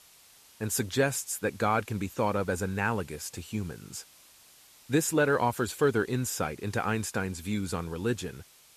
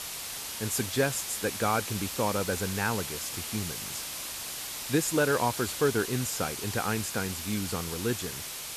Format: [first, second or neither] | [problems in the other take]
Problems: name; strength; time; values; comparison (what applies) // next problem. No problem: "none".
first | hiss; loud; throughout; 4 dB below the speech; faint in the first